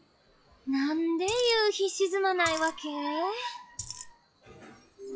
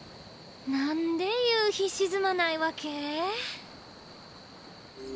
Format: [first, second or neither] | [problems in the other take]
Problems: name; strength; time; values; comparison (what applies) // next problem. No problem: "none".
second | noise reduction (classical method log-MMSE)